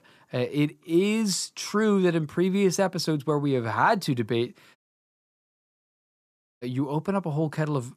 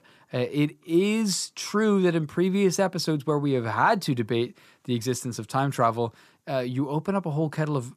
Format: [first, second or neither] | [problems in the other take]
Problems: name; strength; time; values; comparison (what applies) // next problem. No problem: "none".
second | audio cutting out; at 5 s for 2 s